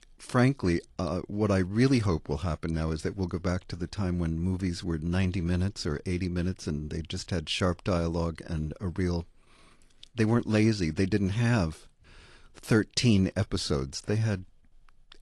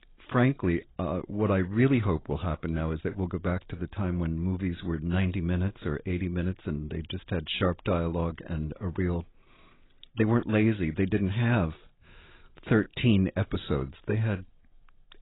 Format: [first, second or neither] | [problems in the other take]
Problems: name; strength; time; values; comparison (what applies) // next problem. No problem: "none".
first | garbled, watery; badly; nothing above 4 kHz; slightly in the first